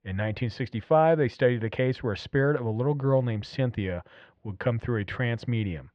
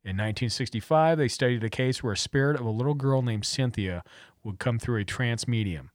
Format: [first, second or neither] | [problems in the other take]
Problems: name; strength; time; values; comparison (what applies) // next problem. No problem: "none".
second | muffled; very; fading above 3 kHz